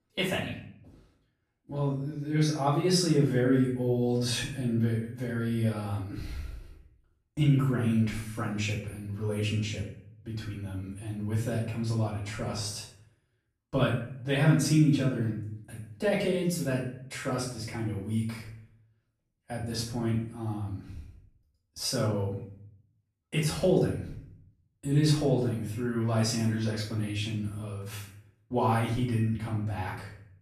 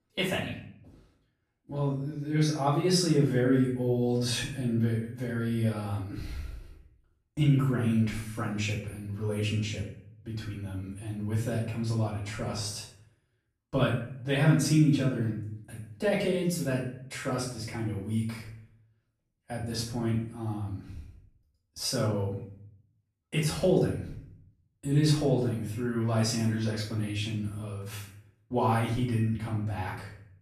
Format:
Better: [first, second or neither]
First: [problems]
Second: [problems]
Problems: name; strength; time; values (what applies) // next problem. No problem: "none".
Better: neither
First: off-mic speech; far // room echo; noticeable; dies away in 0.5 s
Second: off-mic speech; far // room echo; noticeable; dies away in 0.5 s